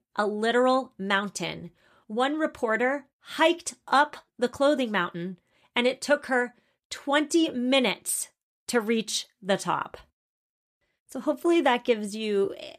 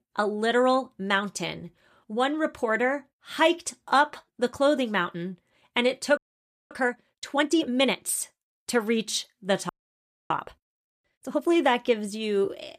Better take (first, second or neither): first